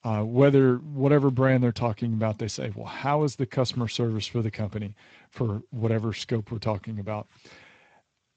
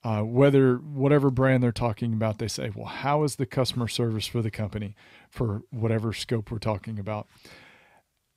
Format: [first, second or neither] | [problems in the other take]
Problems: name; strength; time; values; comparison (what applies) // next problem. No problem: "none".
second | garbled, watery; slightly; nothing above 7.5 kHz